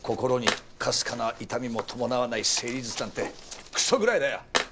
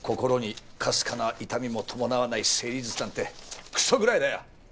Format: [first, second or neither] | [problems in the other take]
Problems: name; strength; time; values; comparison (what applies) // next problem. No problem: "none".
second | background sound (Tools); 8 dB below the speech